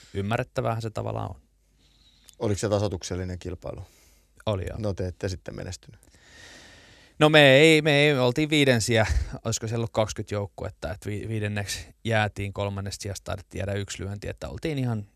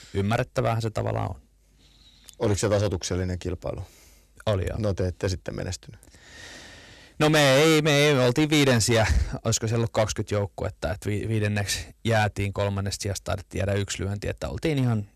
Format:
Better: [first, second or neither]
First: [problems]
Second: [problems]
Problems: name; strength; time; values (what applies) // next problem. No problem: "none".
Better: first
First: none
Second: distortion; heavy; 6% of the sound clipped